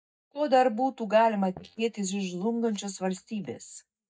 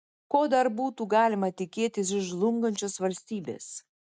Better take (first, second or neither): second